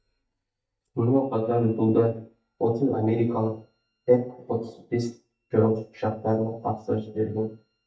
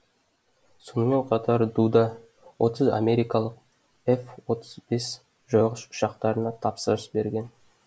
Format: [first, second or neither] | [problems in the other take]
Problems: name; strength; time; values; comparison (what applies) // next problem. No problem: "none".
second | noise reduction (neural mask model DeepFilterNet 3)